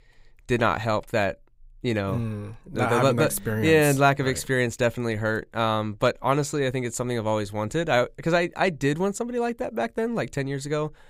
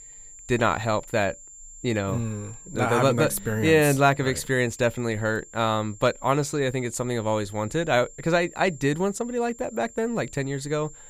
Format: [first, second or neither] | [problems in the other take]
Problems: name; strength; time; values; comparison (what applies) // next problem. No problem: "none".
first | high-pitched whine; noticeable; throughout; 7.5 kHz, 20 dB below the speech